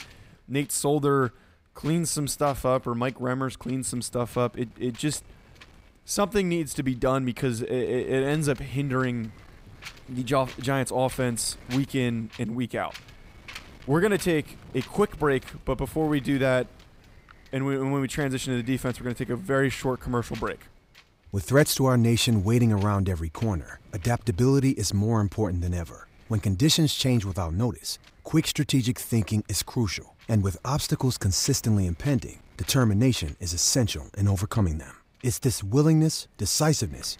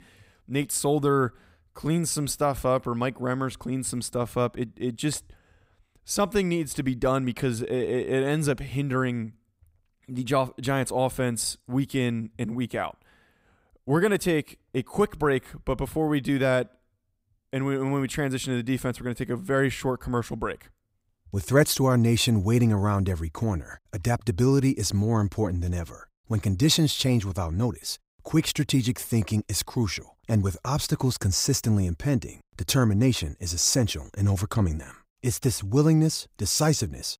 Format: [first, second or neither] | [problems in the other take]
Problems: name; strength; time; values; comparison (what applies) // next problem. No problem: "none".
second | wind noise on the microphone; occasional gusts; 20 dB below the speech